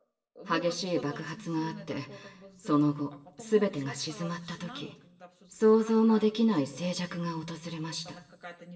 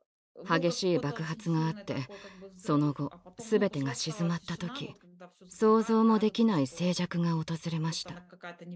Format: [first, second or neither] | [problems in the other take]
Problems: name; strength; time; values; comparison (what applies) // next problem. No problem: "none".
second | room echo; dies away in 0.7 s